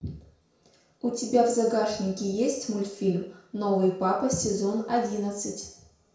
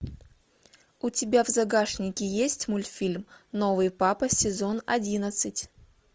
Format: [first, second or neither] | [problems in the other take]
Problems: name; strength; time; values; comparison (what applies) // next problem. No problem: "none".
second | room echo; dies away in 0.5 s